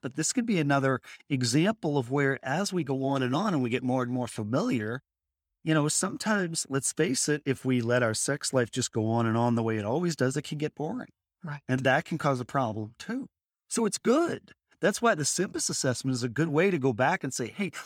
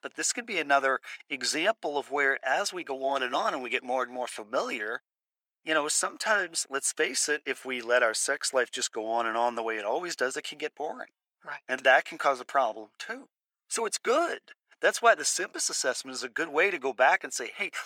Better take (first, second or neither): first